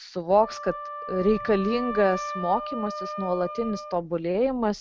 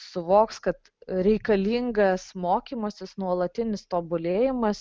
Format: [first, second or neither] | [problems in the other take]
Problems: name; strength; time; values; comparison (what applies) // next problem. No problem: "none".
second | background sound (Wind instrument, woodwind instrument); 10 dB below the speech